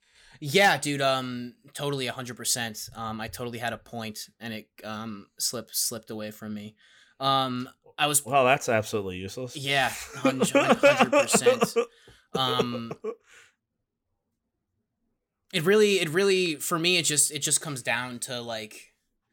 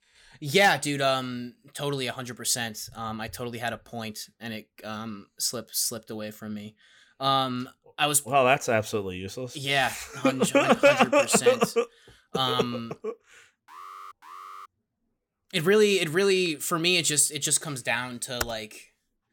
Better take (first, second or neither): first